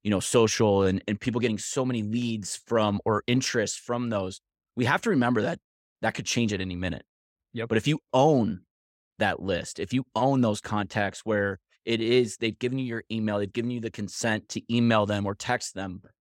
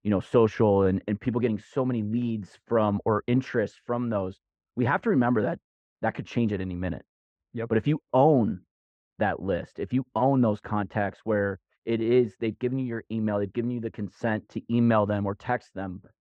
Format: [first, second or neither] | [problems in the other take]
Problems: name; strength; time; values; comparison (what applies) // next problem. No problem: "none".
first | muffled; very; fading above 4 kHz